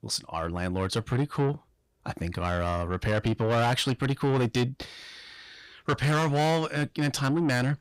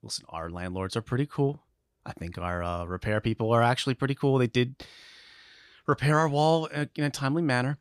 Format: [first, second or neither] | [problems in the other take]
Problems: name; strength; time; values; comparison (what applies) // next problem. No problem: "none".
second | distortion; heavy; 7 dB below the speech